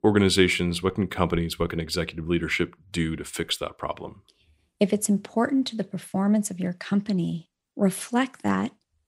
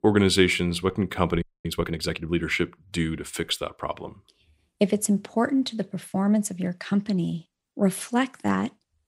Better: first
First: none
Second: audio freezing; at 1.5 s

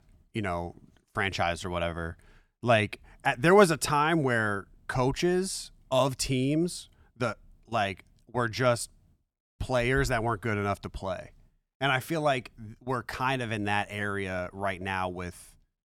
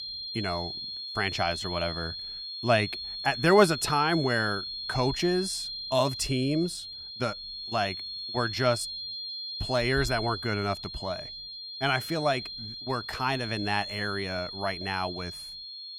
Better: first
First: none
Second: high-pitched whine; loud; throughout; 4 kHz, 6 dB below the speech

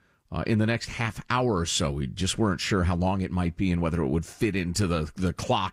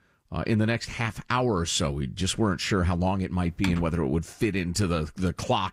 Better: first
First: none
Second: keyboard typing; noticeable; at 3.5 s; peak 8 dB below the speech

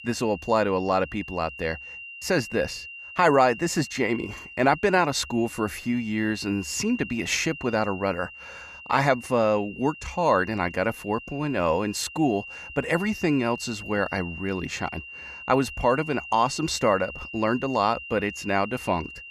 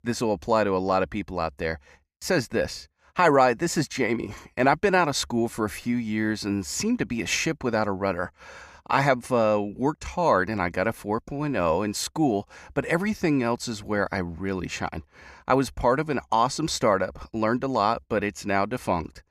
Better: second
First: high-pitched whine; noticeable; throughout; 3 kHz, 15 dB below the speech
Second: none

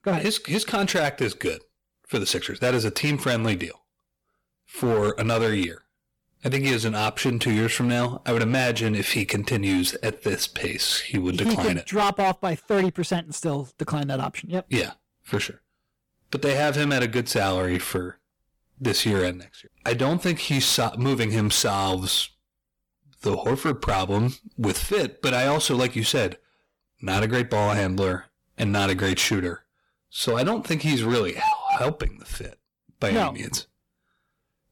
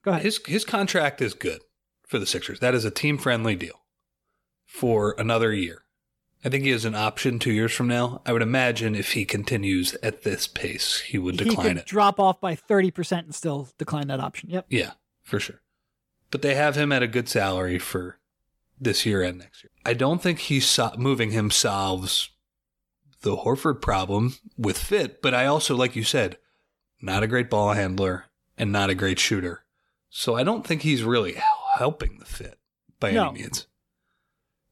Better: second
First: distortion; slight; 9% of the sound clipped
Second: none

